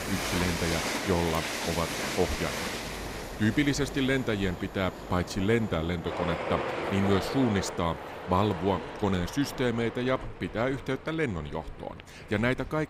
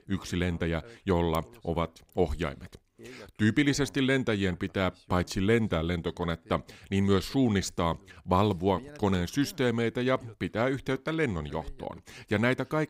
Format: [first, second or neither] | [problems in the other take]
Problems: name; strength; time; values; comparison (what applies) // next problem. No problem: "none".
second | train or aircraft noise; loud; throughout; 5 dB below the speech